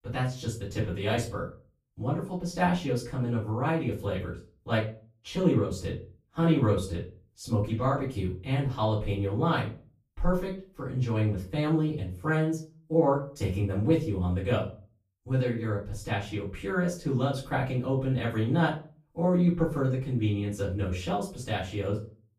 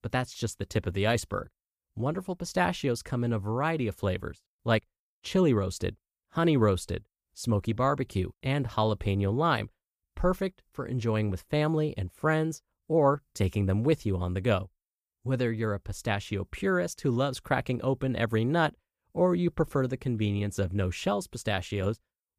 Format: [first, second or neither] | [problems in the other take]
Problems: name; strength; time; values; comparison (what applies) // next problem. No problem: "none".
second | off-mic speech; far // room echo; slight; dies away in 0.3 s